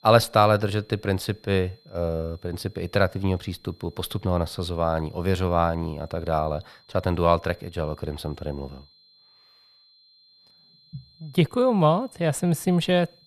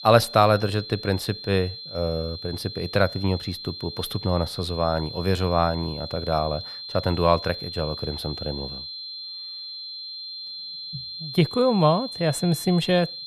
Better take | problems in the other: first | high-pitched whine; loud; throughout; 4 kHz, 9 dB below the speech; faint in the first

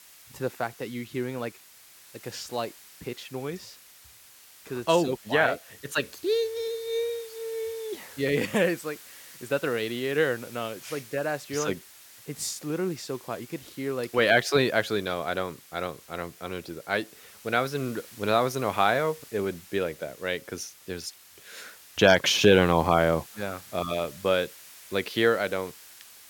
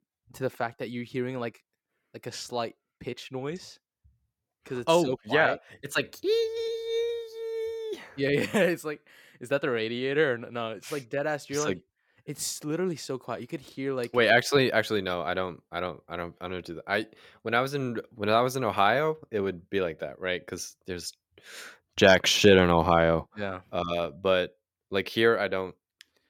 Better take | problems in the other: second | hiss; noticeable; throughout; 20 dB below the speech

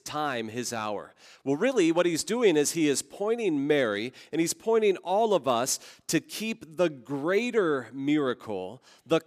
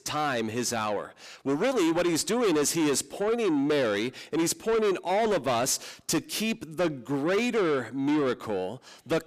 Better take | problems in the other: first | distortion; heavy; 8 dB below the speech

